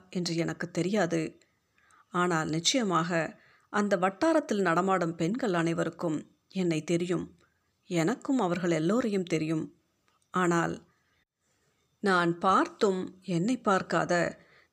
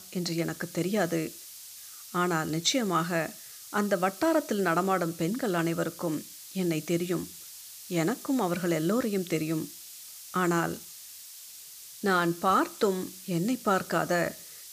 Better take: first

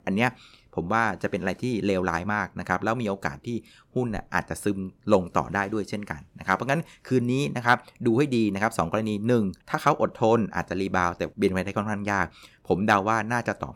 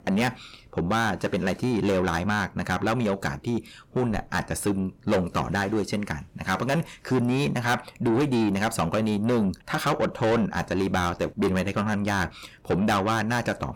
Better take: first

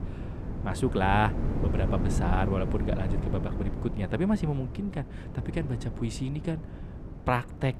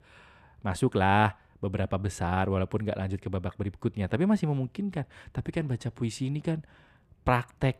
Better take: second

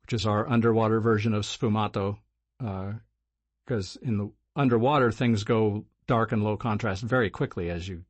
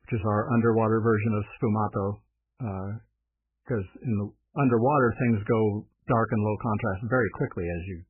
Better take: first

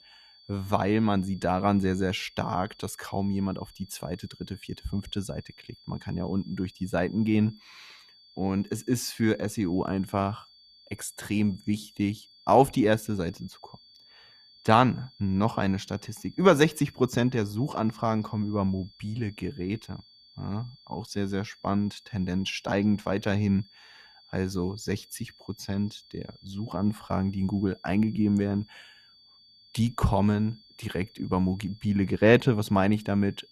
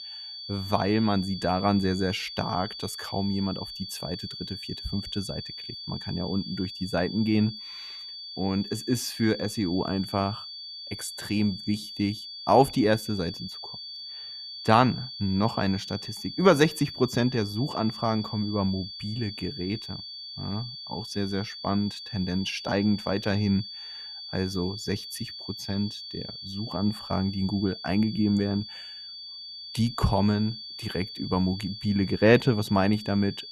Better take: first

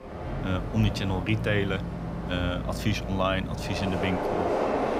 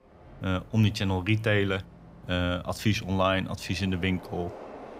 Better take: second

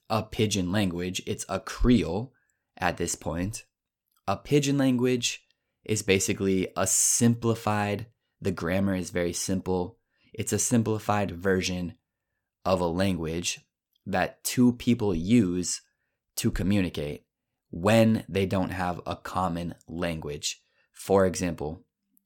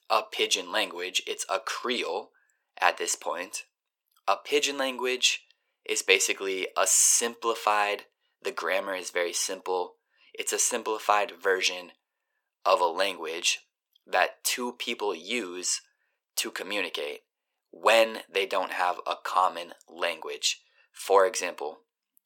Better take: first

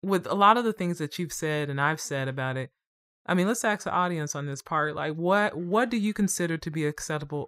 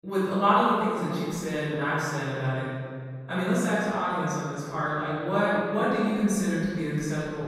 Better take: first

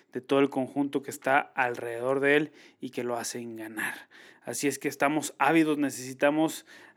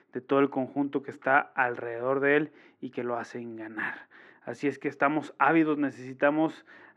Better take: first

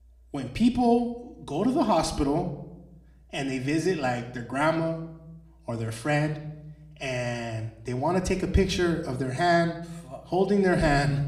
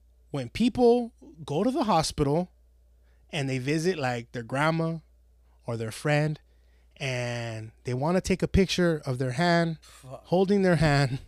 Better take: second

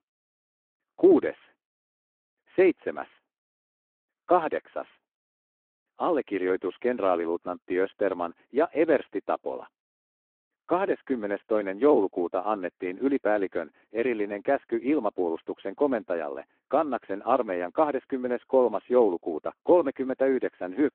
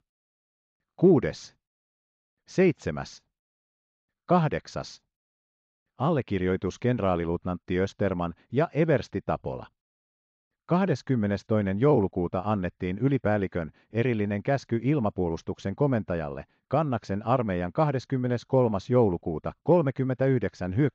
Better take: second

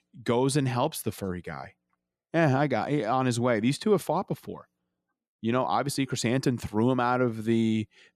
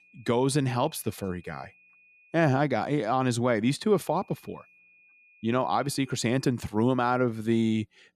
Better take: first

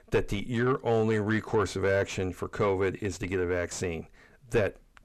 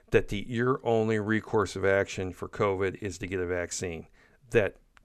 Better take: second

